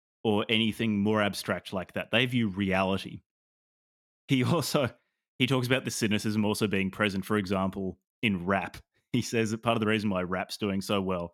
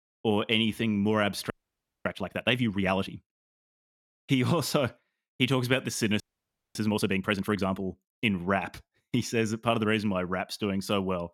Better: first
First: none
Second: audio freezing; at 1.5 s for 0.5 s and at 6 s for 0.5 s

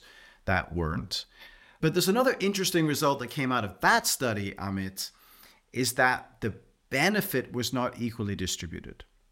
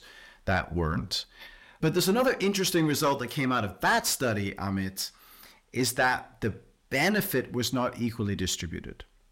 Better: first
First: none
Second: distortion; slight; 10 dB below the speech

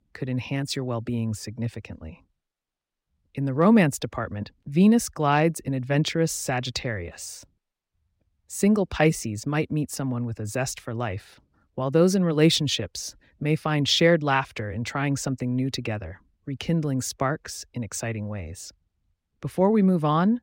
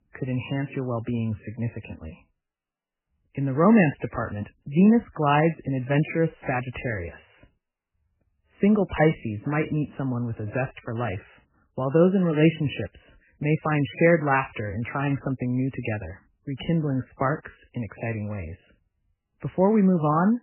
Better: first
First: none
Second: garbled, watery; badly; nothing above 3 kHz

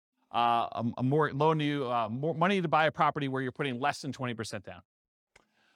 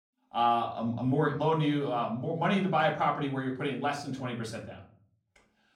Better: first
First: none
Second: room echo; slight; dies away in 0.4 s // off-mic speech; far

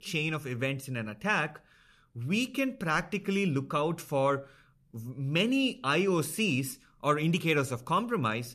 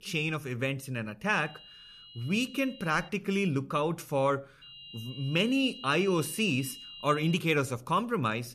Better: first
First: none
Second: high-pitched whine; noticeable; from 1.5 to 3 s and from 4.5 to 7.5 s; 3 kHz, 15 dB below the speech

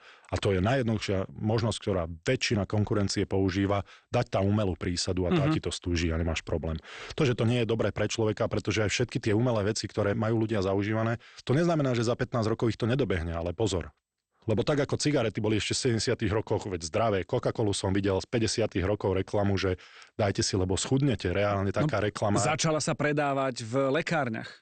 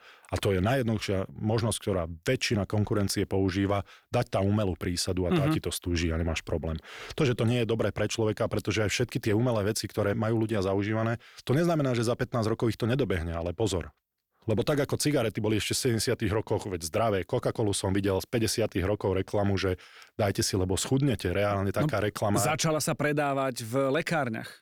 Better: second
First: garbled, watery; slightly; nothing above 8.5 kHz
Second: none

